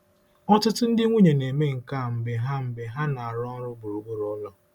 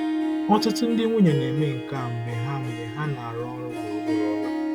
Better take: first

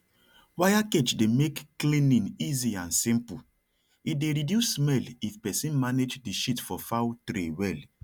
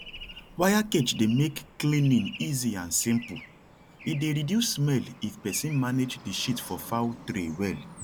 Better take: first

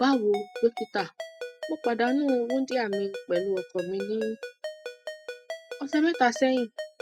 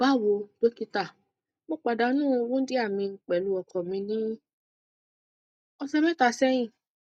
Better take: second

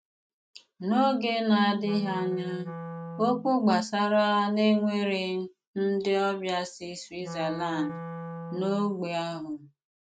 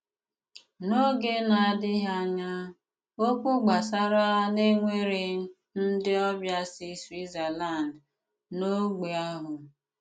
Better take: second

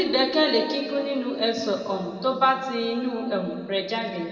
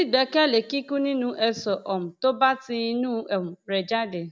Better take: second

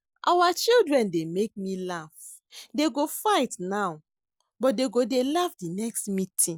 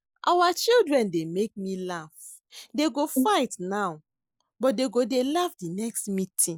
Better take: first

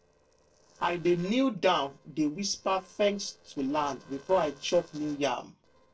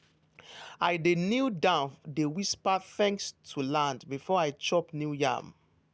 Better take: second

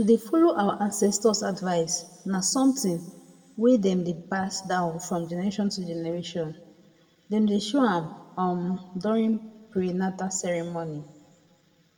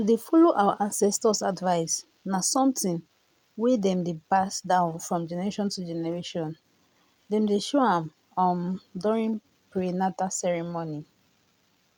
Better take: second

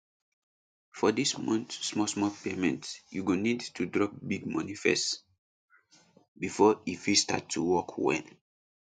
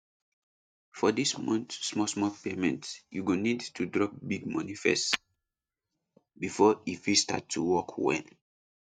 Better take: first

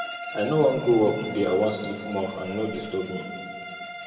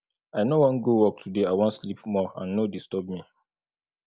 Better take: second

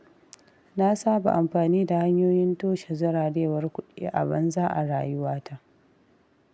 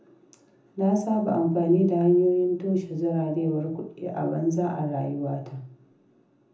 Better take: first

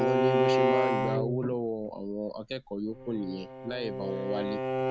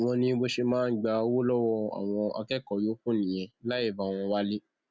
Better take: second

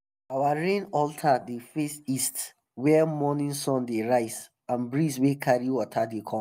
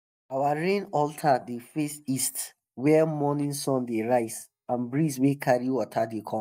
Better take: first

